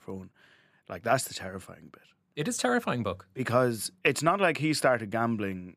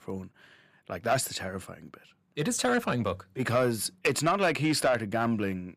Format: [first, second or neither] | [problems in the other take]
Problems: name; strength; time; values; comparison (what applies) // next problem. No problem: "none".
first | distortion; slight; 10 dB below the speech